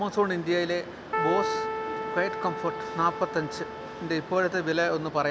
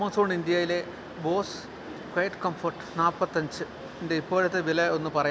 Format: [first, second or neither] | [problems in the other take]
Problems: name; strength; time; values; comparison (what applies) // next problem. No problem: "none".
second | background sound (Keyboard (musical)); 5 dB below the speech